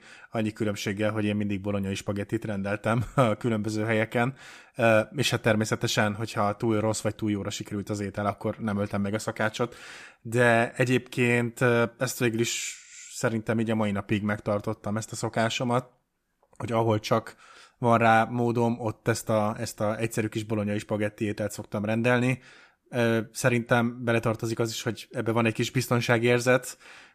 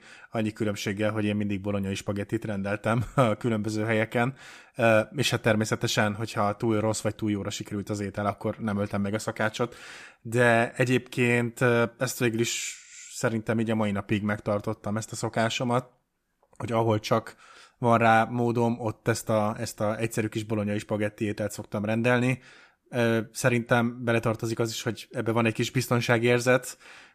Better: neither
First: none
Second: none

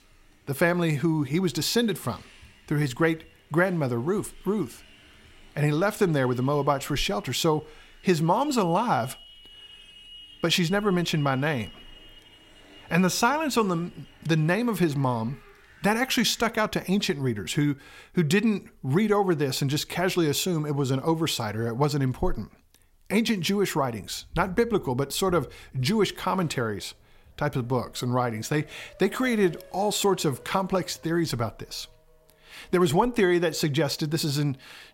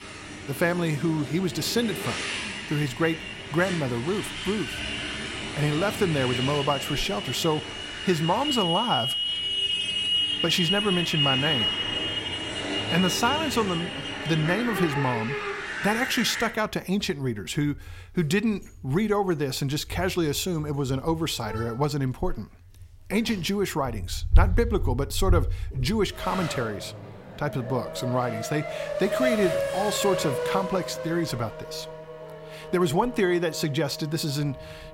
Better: first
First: traffic noise; faint; throughout; 25 dB below the speech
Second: traffic noise; loud; throughout; 2 dB below the speech

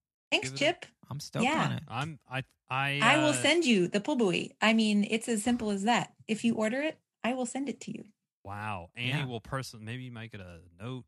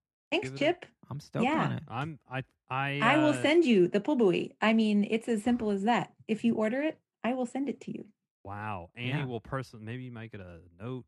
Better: first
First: none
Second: muffled; slightly; fading above 3 kHz

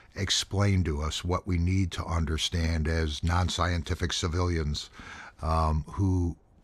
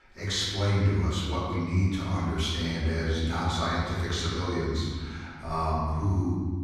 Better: first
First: none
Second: room echo; strong; dies away in 1.5 s // off-mic speech; far

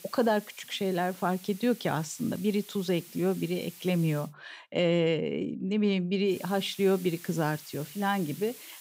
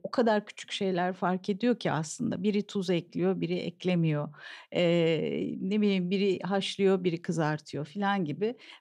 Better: second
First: hiss; noticeable; until 4.5 s and from 6.5 s on; 15 dB below the speech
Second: none

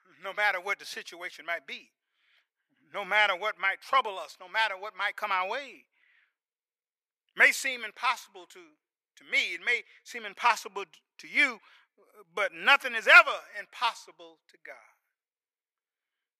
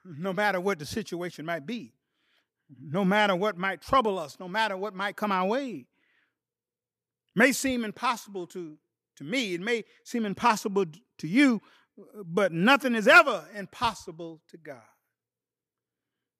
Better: second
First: thin; very; fading below 750 Hz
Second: none

